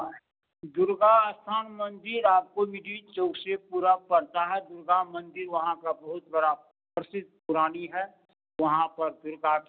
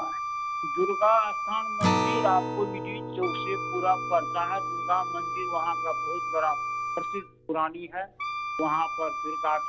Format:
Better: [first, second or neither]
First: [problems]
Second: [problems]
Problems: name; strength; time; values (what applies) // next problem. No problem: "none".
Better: first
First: none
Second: background sound (Wind instrument, woodwind instrument + Acoustic guitar); 1 dB below the speech